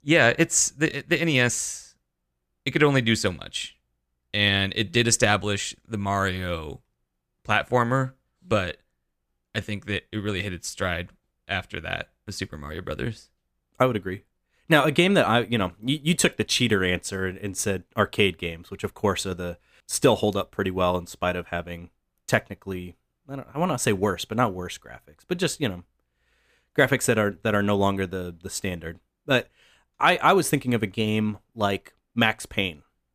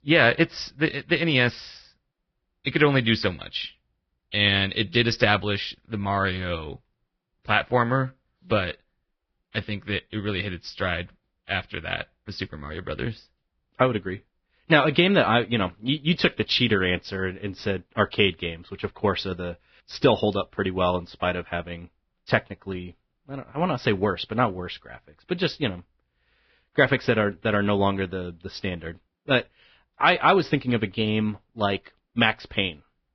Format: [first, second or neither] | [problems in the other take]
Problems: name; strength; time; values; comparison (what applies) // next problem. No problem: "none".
first | garbled, watery; badly; nothing above 5.5 kHz